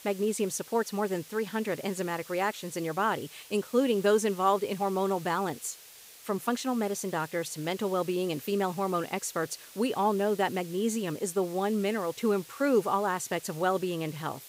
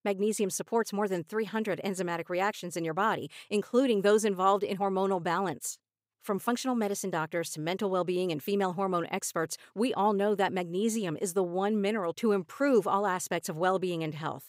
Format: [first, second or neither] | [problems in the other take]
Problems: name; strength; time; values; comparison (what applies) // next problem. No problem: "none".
second | hiss; noticeable; throughout; 20 dB below the speech